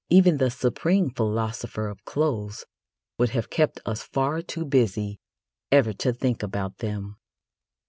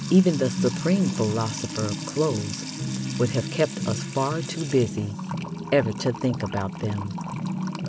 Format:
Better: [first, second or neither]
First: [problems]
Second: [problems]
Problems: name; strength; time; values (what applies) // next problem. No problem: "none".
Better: first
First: none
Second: background sound (Trickle, dribble / Water tap, faucet / Music); 4 dB below the speech